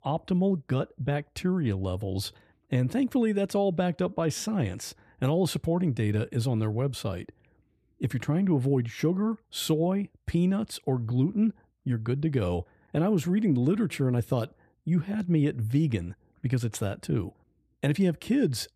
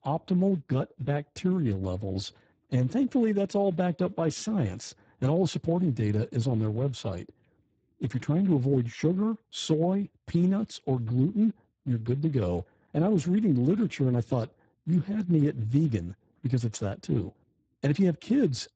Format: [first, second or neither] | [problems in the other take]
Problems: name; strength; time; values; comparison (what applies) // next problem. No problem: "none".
first | garbled, watery; badly; nothing above 7.5 kHz